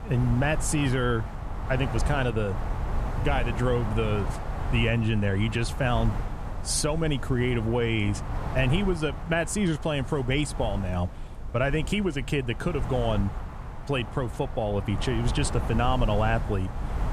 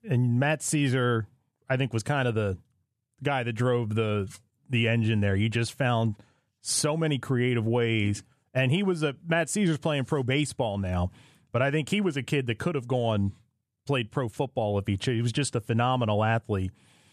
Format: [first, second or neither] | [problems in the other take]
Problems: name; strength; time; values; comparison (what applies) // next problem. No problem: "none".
second | wind noise on the microphone; heavy; 10 dB below the speech